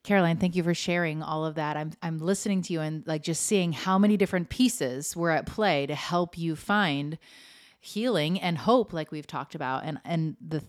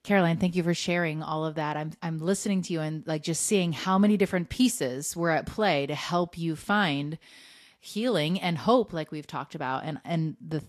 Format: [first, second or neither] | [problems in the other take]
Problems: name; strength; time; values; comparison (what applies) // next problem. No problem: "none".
first | garbled, watery; slightly; nothing above 12.5 kHz